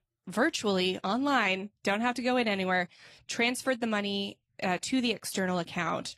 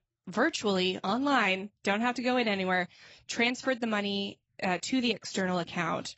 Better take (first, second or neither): first